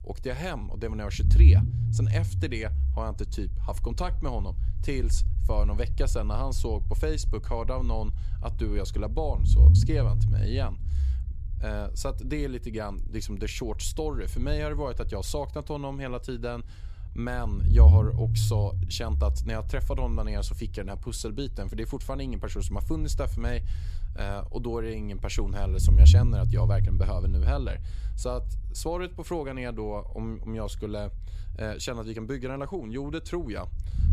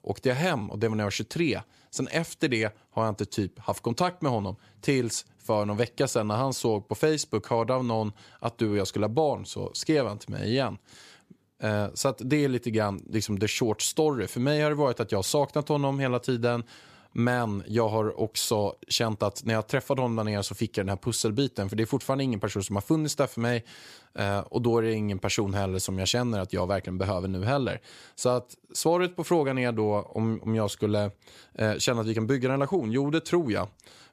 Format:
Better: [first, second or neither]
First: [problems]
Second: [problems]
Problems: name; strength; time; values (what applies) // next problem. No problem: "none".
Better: second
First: low rumble; loud; throughout; 7 dB below the speech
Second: none